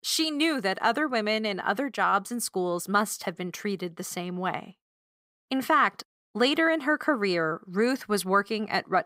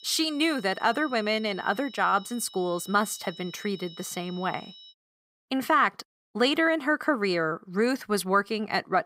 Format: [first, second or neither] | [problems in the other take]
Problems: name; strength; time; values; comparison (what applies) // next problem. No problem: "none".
first | high-pitched whine; noticeable; until 5 s; 4 kHz, 20 dB below the speech